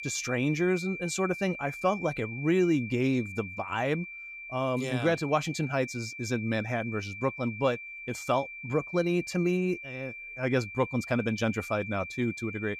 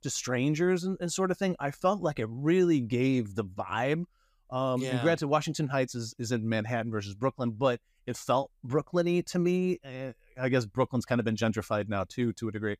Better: second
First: high-pitched whine; loud; throughout; 2.5 kHz, 9 dB below the speech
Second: none

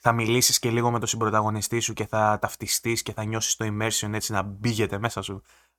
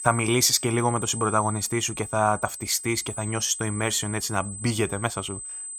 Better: first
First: none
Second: high-pitched whine; loud; throughout; 8 kHz, 9 dB below the speech

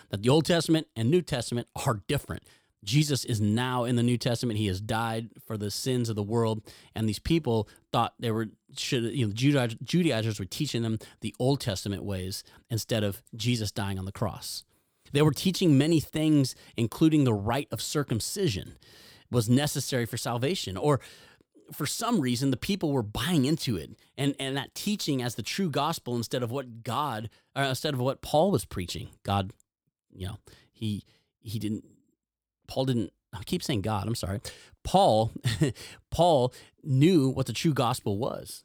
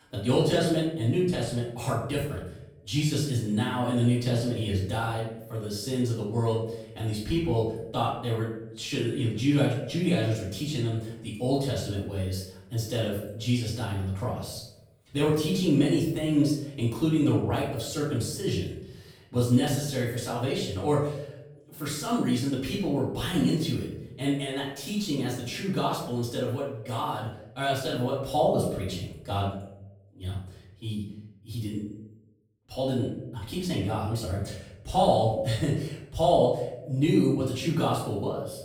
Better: first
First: none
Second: off-mic speech; far // room echo; noticeable; dies away in 0.7 s

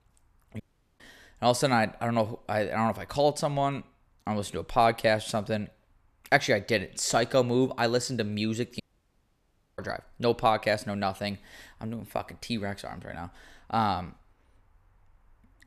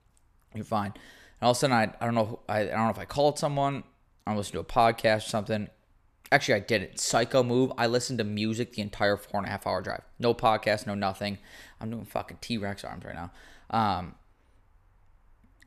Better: second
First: audio cutting out; at 0.5 s and at 9 s for 1 s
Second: none

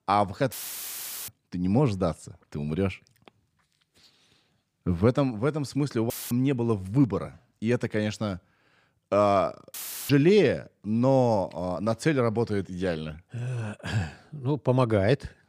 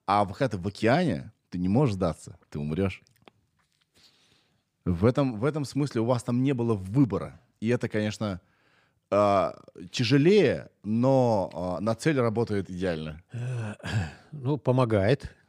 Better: second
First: audio cutting out; filled with static; at 0.5 s for 1 s, at 6 s and at 9.5 s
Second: none

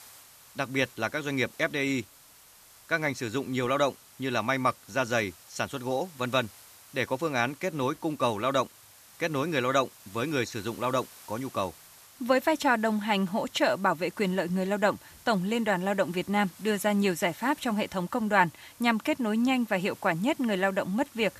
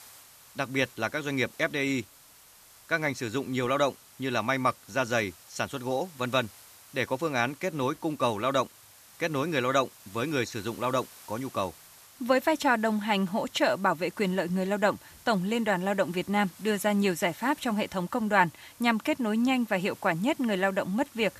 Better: neither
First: hiss; faint; throughout; 20 dB below the speech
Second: hiss; faint; throughout; 20 dB below the speech

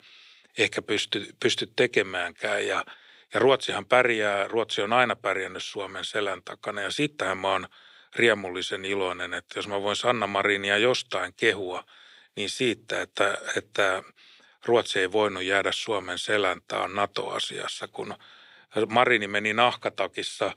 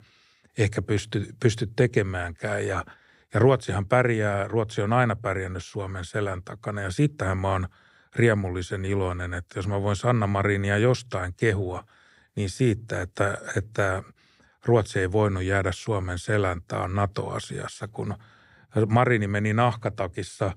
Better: second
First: thin; somewhat; fading below 350 Hz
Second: none

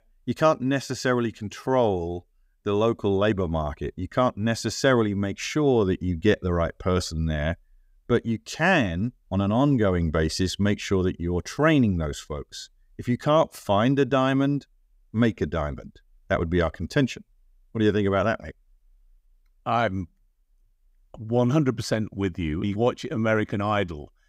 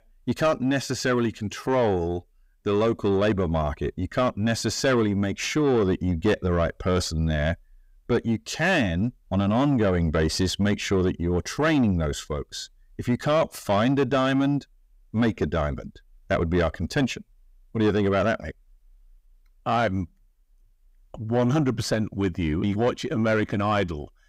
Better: first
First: none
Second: distortion; slight; 10 dB below the speech

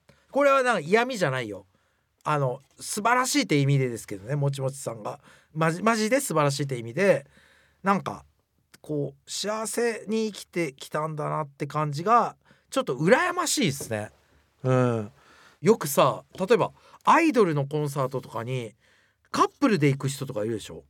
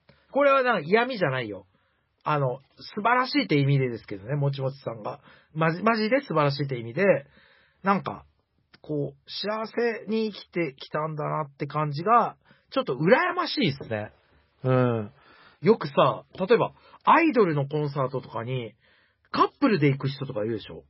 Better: first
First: none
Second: garbled, watery; badly; nothing above 5.5 kHz

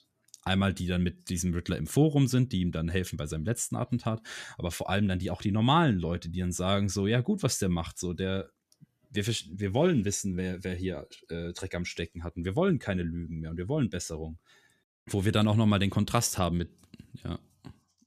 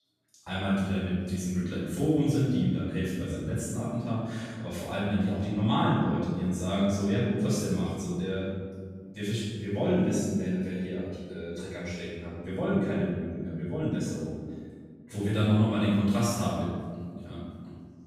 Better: first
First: none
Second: off-mic speech; far // room echo; strong; dies away in 1.8 s

